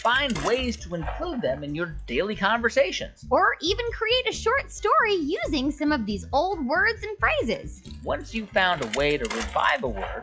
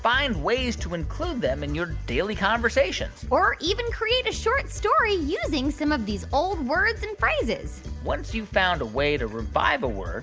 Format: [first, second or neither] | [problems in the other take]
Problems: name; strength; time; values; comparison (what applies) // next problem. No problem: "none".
second | noise reduction (classical method log-MMSE)